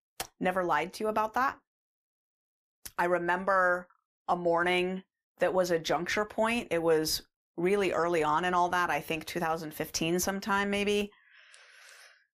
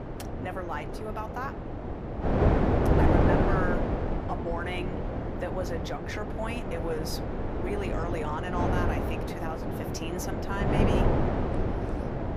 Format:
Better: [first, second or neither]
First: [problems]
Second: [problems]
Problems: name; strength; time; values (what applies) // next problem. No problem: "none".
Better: first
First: none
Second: wind noise on the microphone; heavy; 3 dB above the speech